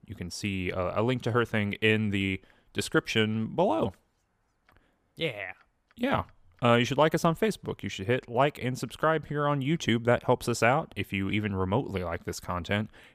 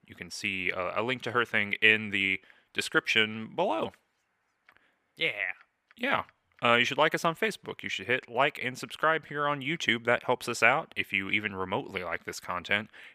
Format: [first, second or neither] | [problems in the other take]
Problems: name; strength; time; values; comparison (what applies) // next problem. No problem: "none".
first | thin; somewhat; fading below 350 Hz